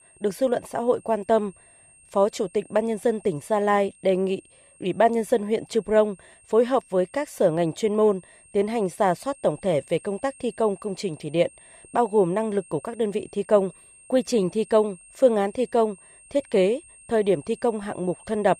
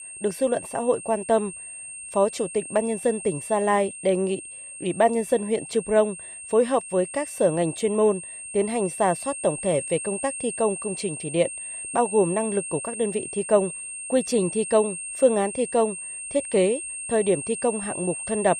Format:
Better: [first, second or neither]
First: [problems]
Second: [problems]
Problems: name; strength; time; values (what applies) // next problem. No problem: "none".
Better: first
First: high-pitched whine; faint; throughout; 8.5 kHz, 25 dB below the speech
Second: high-pitched whine; loud; throughout; 8.5 kHz, 8 dB below the speech